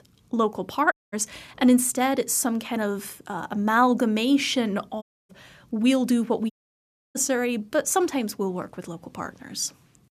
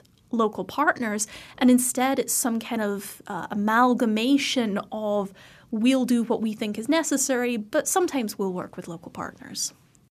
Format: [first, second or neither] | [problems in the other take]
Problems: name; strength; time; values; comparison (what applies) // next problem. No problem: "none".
second | audio cutting out; at 1 s, at 5 s and at 6.5 s for 0.5 s